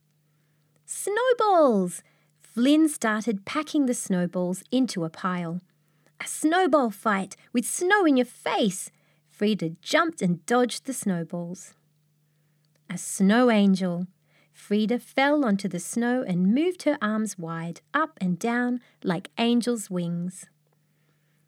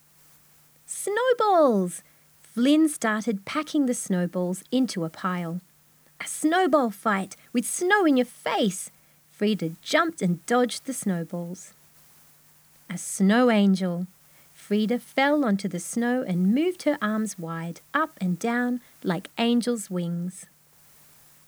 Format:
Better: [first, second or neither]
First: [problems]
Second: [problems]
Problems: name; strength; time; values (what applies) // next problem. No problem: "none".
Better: first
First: none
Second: hiss; faint; throughout; 30 dB below the speech